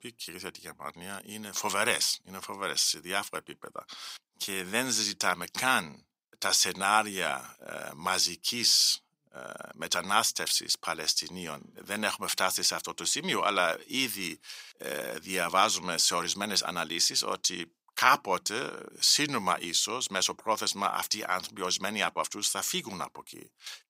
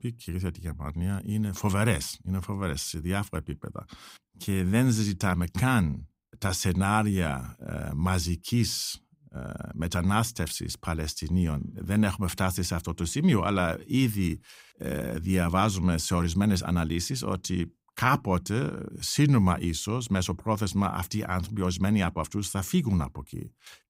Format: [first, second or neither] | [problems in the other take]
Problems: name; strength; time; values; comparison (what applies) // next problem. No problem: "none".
second | thin; very; fading below 550 Hz